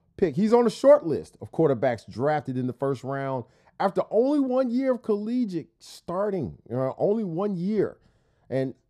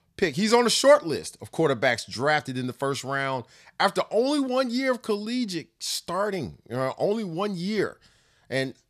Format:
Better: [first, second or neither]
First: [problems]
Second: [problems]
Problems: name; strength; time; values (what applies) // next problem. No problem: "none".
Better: second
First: muffled; very; fading above 1.5 kHz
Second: none